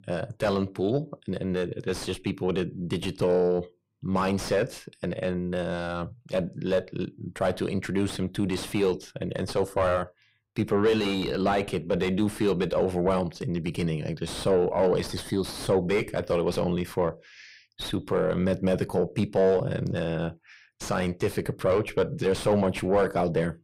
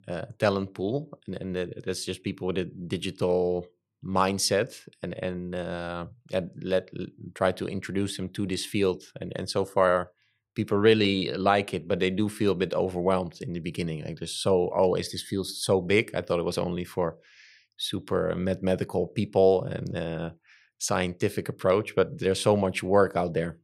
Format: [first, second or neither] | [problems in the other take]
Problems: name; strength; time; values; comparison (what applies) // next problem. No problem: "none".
second | distortion; heavy; 6 dB below the speech